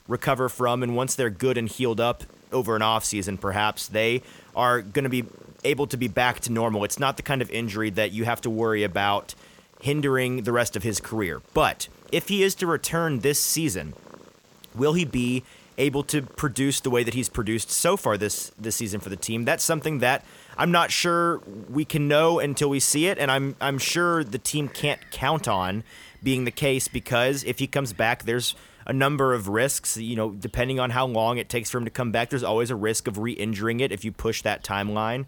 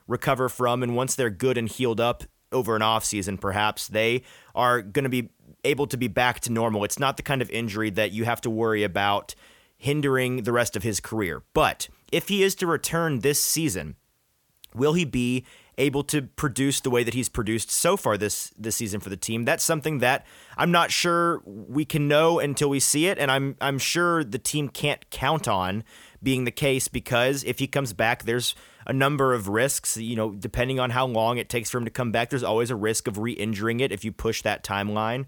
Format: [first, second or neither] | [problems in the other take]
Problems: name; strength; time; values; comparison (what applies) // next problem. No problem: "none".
second | animal sounds; faint; throughout; 25 dB below the speech